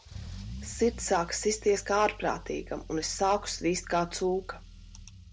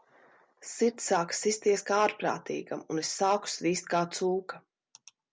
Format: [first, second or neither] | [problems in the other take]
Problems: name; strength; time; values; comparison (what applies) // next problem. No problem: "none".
second | background sound (Engine starting / Accelerating, revving, vroom / Car); 14 dB below the speech